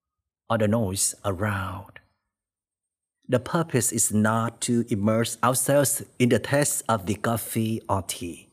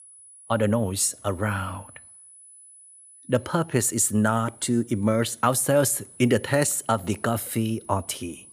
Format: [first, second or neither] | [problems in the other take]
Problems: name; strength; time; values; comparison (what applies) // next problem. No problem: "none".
first | high-pitched whine; faint; throughout; 10 kHz, 25 dB below the speech